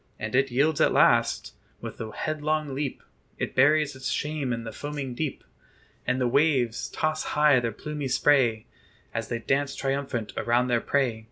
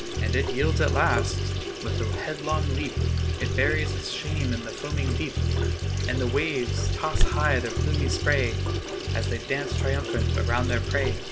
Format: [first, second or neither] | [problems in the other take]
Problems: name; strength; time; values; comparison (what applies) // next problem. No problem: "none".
first | background sound (Bass guitar + Sink (filling or washing) / Water tap, faucet); 4 dB above the speech